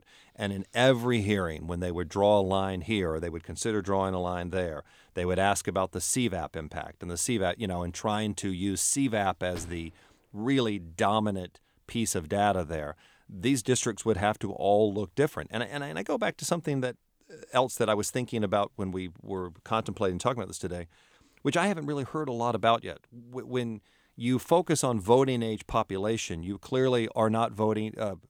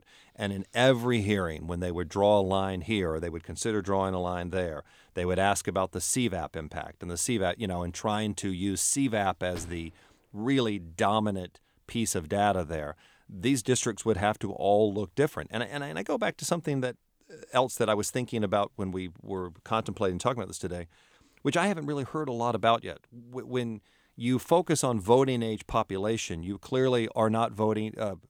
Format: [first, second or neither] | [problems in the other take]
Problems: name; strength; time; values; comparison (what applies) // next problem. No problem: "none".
neither | door banging; faint; at 9.5 s; peak 20 dB below the speech; the same in both